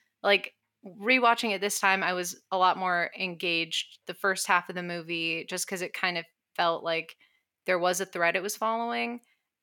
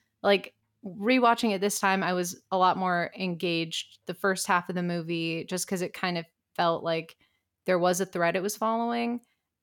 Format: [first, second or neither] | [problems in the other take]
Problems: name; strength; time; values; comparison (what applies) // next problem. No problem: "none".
second | thin; very slightly; fading below 450 Hz